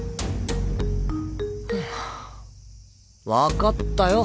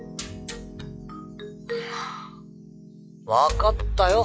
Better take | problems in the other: first | noise reduction (classical method log-MMSE)

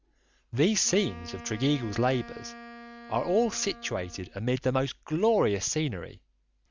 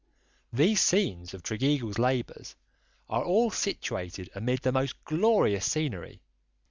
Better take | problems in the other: second | background sound (Wind instrument, woodwind instrument); 19 dB below the speech

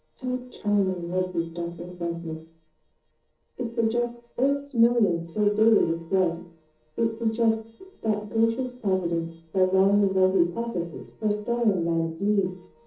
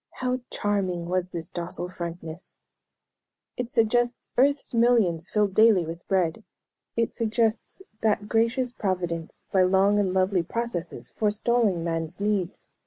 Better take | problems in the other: second | noise reduction (neural separator model SepFormer DNS4)

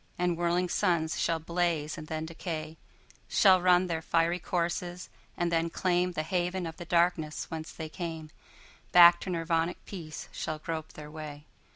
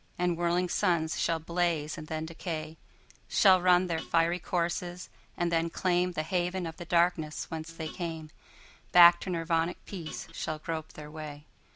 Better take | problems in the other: first | background sound (Guitar); 15 dB below the speech

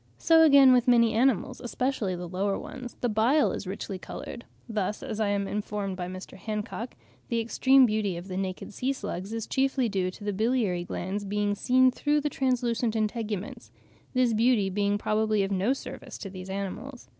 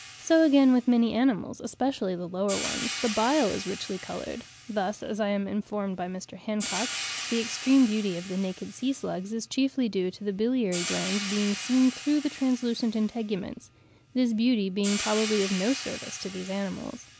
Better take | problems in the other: first | background sound (Hi-hat); 11 dB below the speech

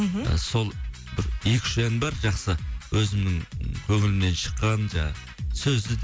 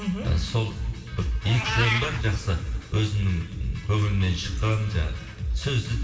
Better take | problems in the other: first | background sound (Meow); 12 dB below the speech // room echo; dies away in 2.7 s

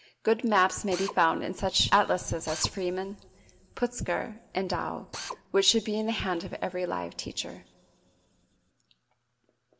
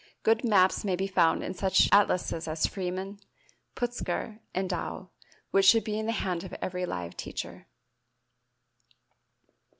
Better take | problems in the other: second | background sound (Drill); 12 dB below the speech // room echo; dies away in 1.9 s

